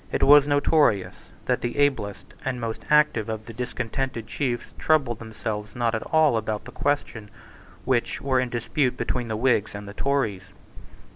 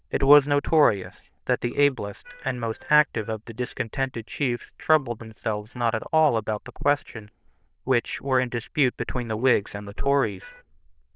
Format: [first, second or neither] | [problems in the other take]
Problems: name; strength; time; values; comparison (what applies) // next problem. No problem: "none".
first | noise reduction (neural diffusion model UNIVERSE++)